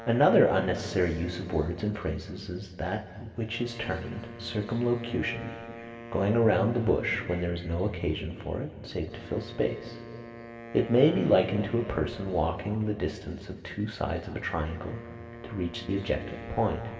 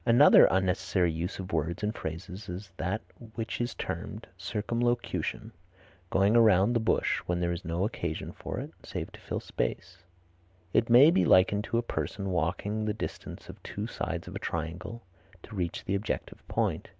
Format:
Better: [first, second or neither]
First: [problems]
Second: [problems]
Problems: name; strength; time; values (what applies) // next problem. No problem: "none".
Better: second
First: background sound (Wind instrument, woodwind instrument); 17 dB below the speech // room echo; dies away in 2.3 s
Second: none